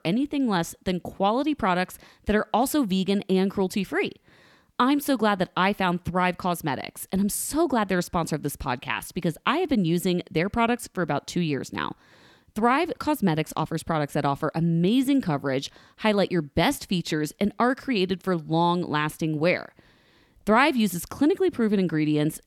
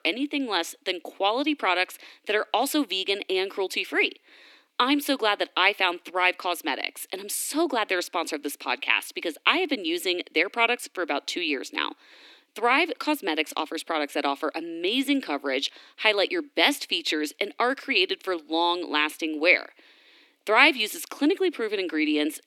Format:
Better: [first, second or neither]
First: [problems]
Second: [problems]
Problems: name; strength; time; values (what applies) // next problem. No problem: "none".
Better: first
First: none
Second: thin; very slightly; fading below 300 Hz